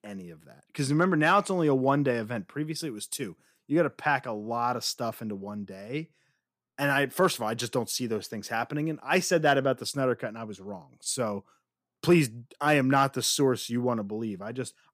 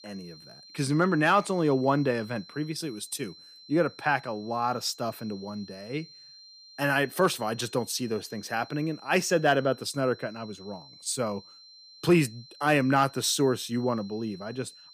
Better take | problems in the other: first | high-pitched whine; faint; throughout; 4 kHz, 20 dB below the speech

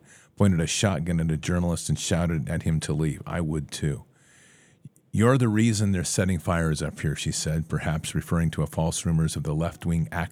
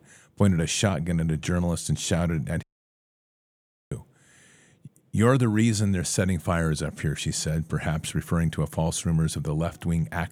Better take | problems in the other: first | audio cutting out; at 2.5 s for 1.5 s

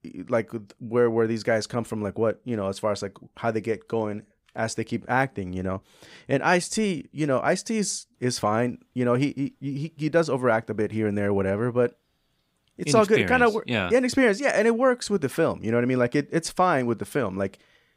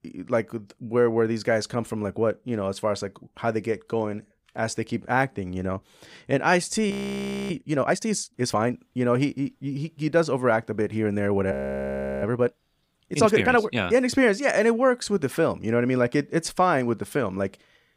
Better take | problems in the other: first | audio freezing; at 7 s for 0.5 s and at 12 s for 0.5 s

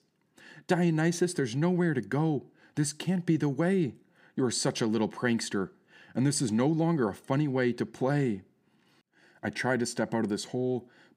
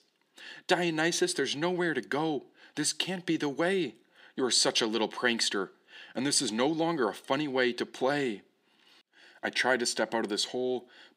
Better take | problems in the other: first | thin; somewhat; fading below 350 Hz

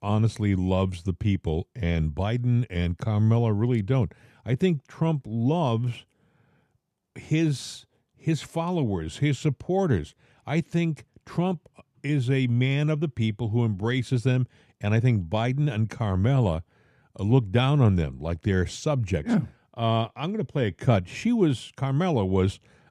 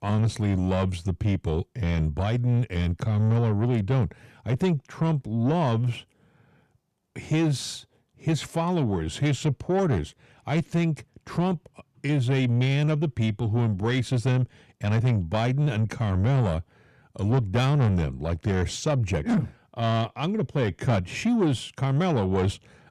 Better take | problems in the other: first | distortion; slight; 10 dB below the speech

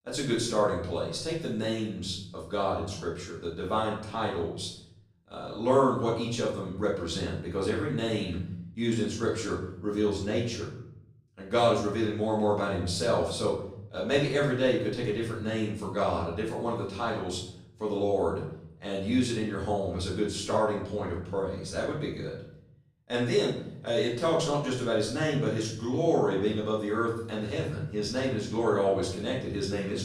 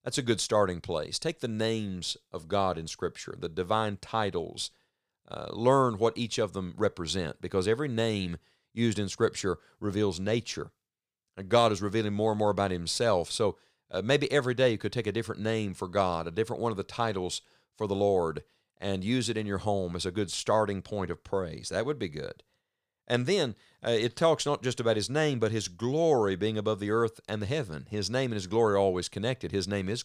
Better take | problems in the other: second | off-mic speech; far // room echo; noticeable; dies away in 0.8 s

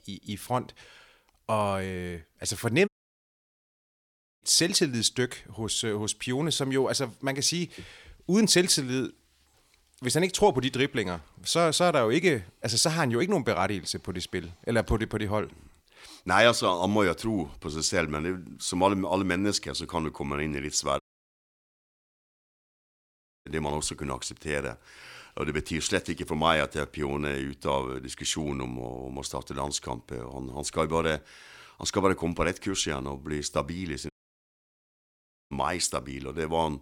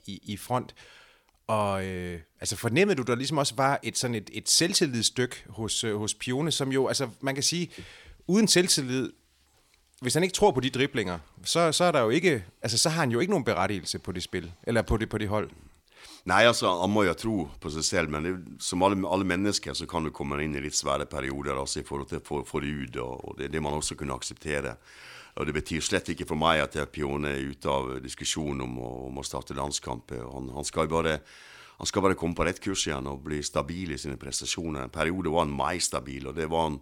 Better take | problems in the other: second | audio cutting out; at 3 s for 1.5 s, at 21 s for 2.5 s and at 34 s for 1.5 s

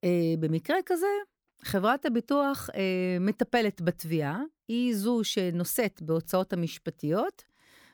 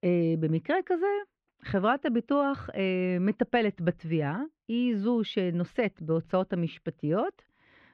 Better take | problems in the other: first | muffled; very; fading above 3 kHz

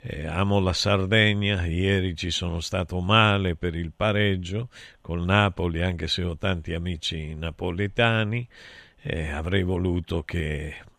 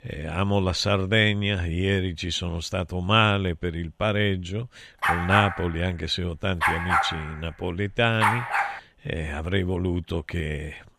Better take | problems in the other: first | dog barking; loud; from 5 to 9 s; peak 4 dB above the speech

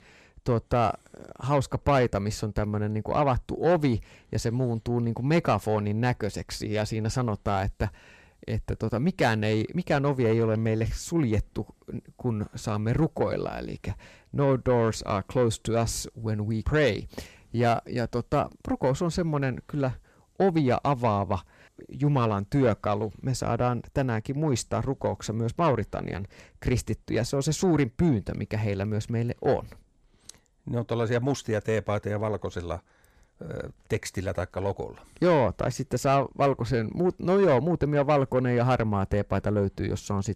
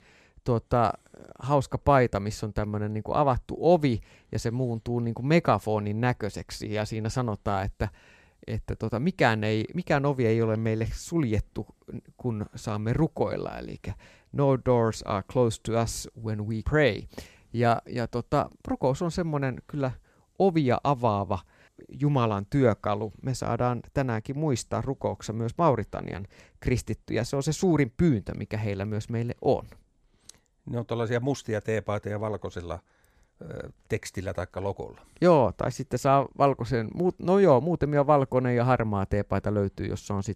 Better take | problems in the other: second | distortion; slight; 10 dB below the speech

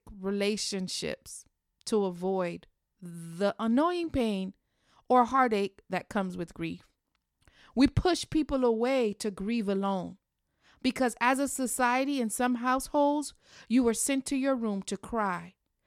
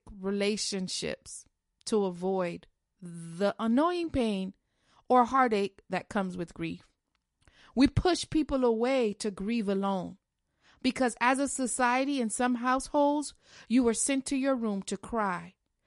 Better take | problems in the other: first | garbled, watery; slightly; nothing above 11 kHz

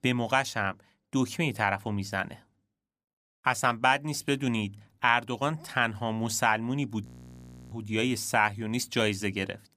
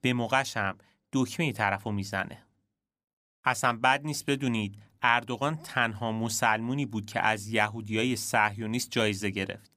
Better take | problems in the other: second | audio freezing; at 7 s for 0.5 s

